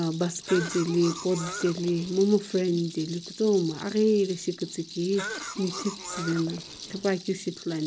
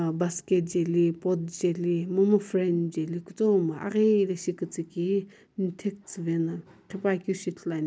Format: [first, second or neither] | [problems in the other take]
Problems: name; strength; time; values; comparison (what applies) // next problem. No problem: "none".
second | background sound (Cough + Rattle); 12 dB below the speech